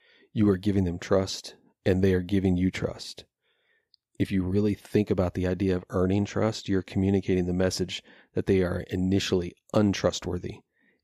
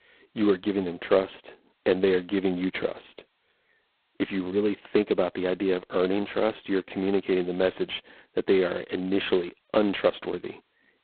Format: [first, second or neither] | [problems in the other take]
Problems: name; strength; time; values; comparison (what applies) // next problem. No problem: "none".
first | phone-call audio; poor line; nothing above 4 kHz